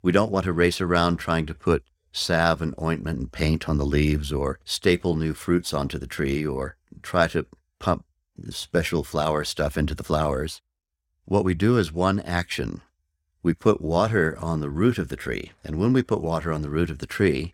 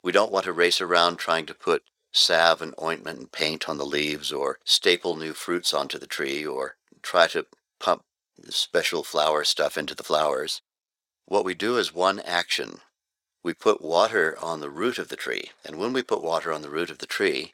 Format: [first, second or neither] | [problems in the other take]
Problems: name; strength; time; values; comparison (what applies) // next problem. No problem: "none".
first | thin; very; fading below 500 Hz